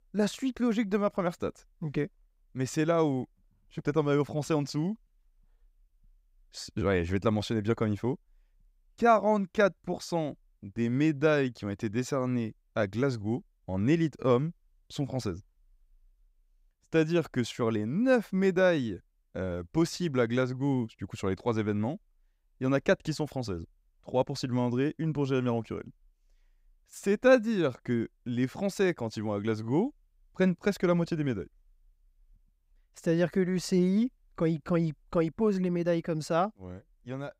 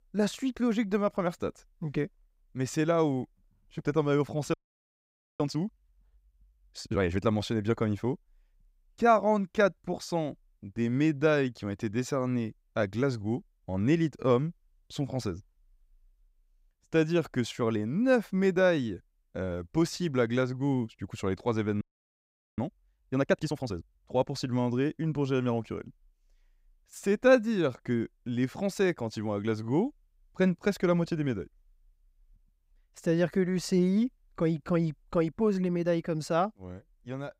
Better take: first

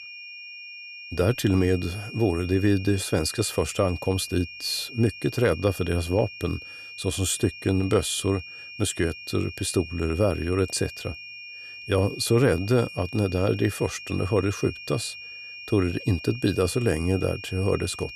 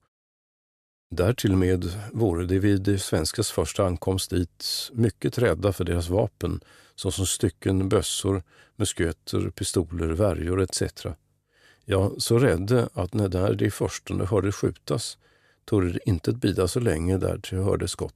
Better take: second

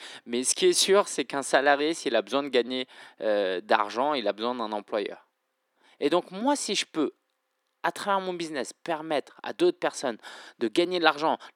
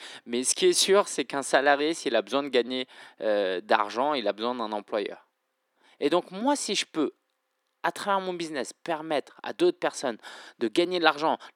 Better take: neither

